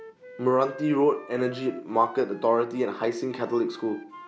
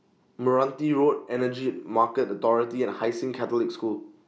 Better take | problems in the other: second | background sound (Wind instrument, woodwind instrument); 20 dB below the speech

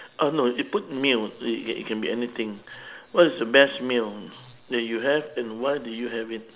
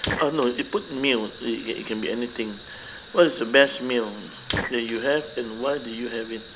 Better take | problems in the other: first | background sound (Fire); 11 dB below the speech

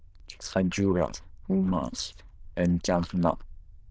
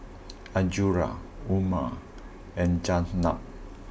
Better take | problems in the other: second | noise reduction (neural diffusion model UNIVERSE++)

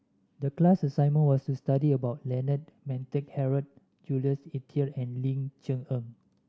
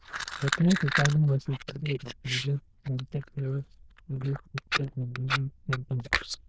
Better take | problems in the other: first | noise reduction (neural diffusion model UNIVERSE++)

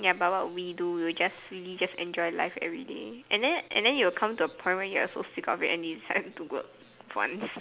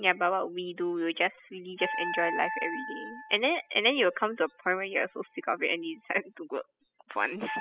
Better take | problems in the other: first | noise reduction (classical method spectral subtraction)

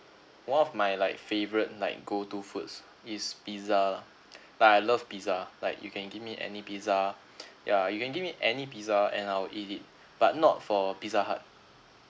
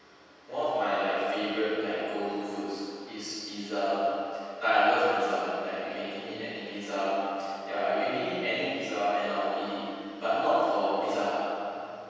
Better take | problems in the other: first | room echo; dies away in 2.1 s

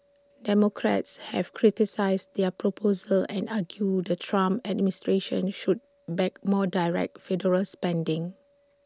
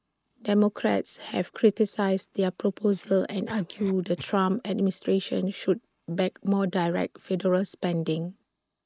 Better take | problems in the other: first | noise reduction (neural mask model Resemble Enhance denoiser)

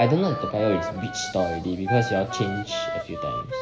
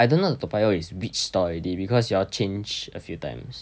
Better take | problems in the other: second | background sound (Wind instrument, woodwind instrument); 6 dB below the speech // room echo; dies away in 2.3 s

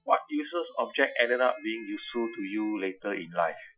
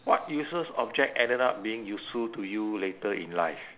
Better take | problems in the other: second | noise reduction (classical method Wiener filter)

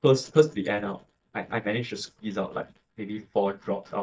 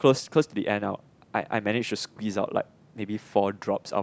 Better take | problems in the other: second | noise reduction (neural mask model DeepFilterNet 3)

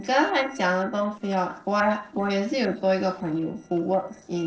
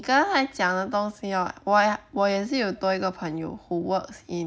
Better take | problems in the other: second | noise reduction (neural separator model SepFormer DNS4)

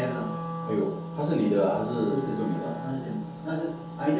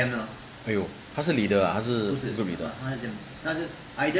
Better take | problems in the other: second | background sound (Wind instrument, woodwind instrument); 8 dB below the speech // room echo; dies away in 0.6 s

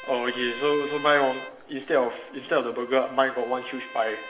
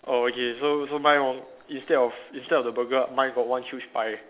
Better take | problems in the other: second | background sound (Trumpet); 15 dB below the speech // room echo; dies away in 0.7 s

